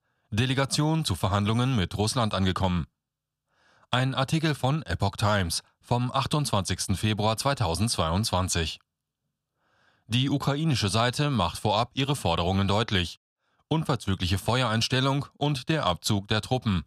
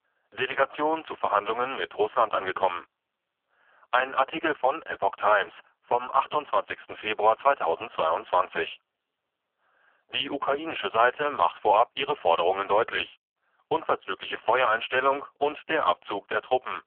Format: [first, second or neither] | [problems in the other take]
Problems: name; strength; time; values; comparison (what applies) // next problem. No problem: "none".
first | phone-call audio; poor line; nothing above 3.5 kHz